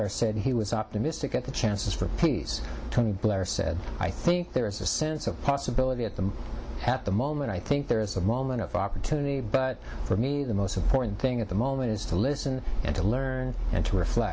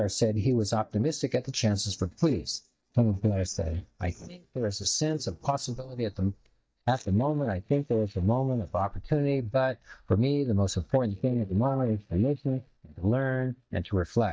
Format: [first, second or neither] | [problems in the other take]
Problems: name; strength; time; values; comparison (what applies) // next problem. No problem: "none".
first | noise reduction (neural mask model DeepFilterNet 3)